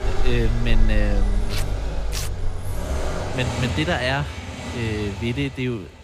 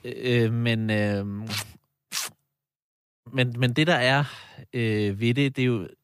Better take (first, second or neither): second